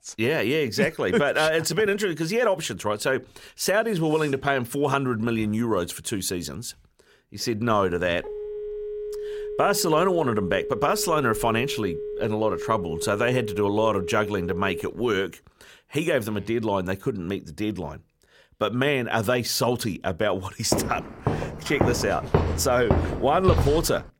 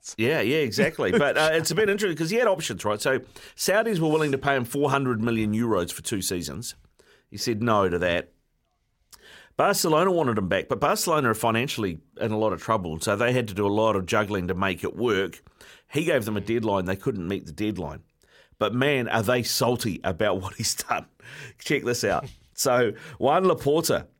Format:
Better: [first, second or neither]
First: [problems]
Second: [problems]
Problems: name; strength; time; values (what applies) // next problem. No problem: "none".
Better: second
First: phone ringing; noticeable; from 7.5 to 15 s; peak 8 dB below the speech // footsteps; loud; from 21 s on; peak level with the speech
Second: none